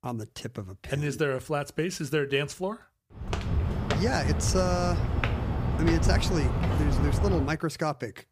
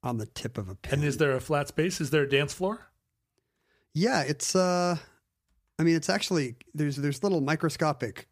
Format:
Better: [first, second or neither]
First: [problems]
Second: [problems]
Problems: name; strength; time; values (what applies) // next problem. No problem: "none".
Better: second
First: footsteps; loud; from 3 to 7.5 s; peak 4 dB above the speech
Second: none